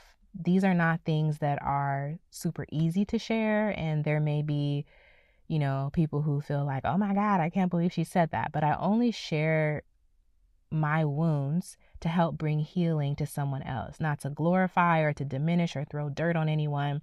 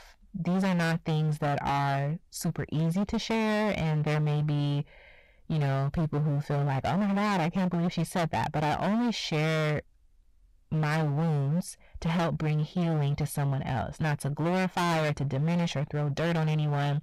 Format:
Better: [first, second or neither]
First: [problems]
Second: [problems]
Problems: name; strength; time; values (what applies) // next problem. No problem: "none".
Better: first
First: none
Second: distortion; heavy; 31% of the sound clipped